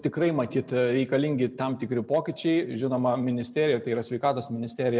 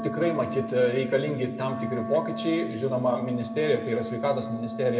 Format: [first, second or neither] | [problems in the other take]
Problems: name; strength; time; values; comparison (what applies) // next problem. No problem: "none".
first | background sound (Wind instrument, woodwind instrument); 8 dB below the speech // room echo; dies away in 1 s